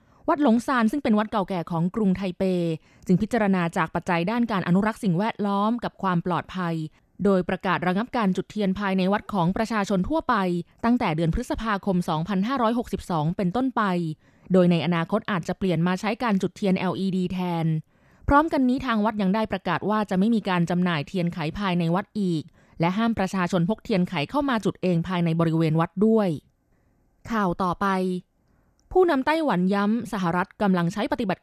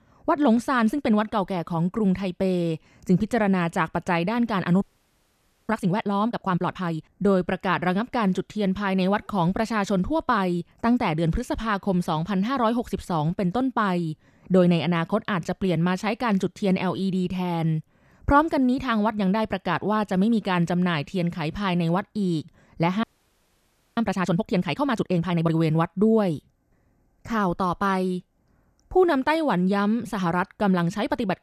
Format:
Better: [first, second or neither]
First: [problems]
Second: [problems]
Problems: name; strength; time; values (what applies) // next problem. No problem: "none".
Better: first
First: none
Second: audio freezing; at 5 s for 1 s and at 23 s for 1 s